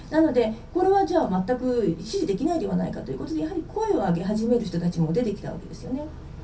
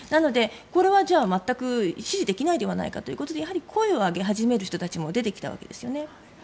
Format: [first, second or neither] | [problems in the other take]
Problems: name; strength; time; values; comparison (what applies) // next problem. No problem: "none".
second | background sound (Idling / Accelerating, revving, vroom / Car); 17 dB below the speech // room echo; dies away in 0.3 s